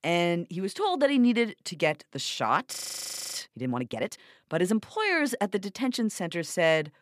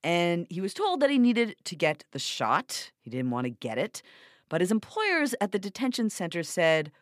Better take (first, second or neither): second